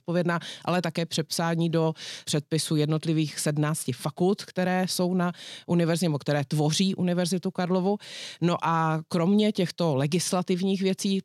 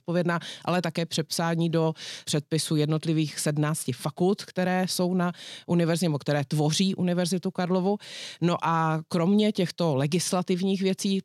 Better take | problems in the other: neither | none

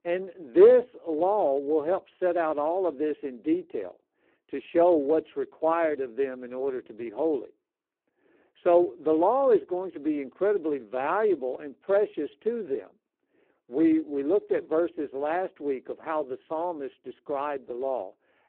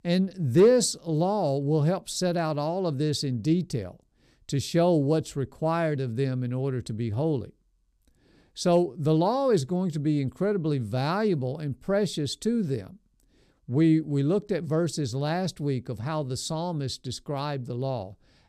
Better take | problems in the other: second | phone-call audio; poor line

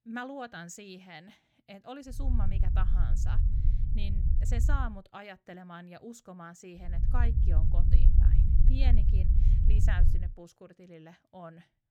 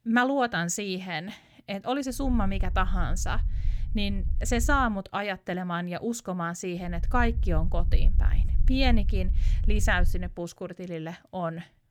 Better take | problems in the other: second | low rumble; loud; from 2 to 5 s and from 7 to 10 s; 3 dB below the speech; faint in the second

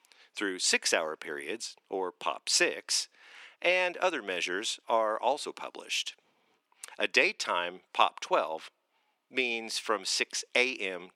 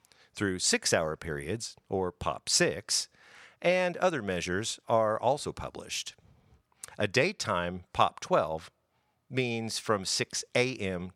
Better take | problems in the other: second | thin; somewhat; fading below 300 Hz

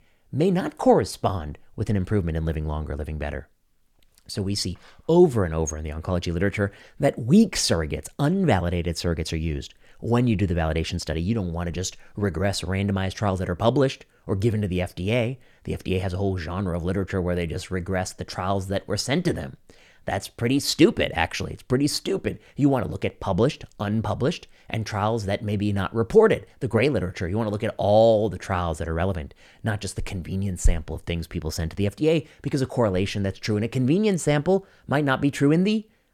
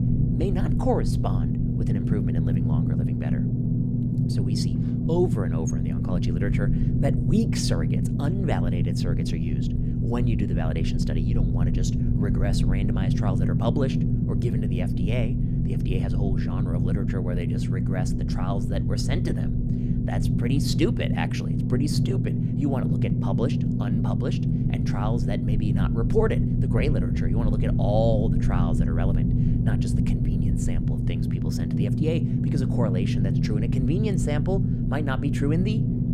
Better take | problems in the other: first | low rumble; loud; throughout; 1 dB below the speech

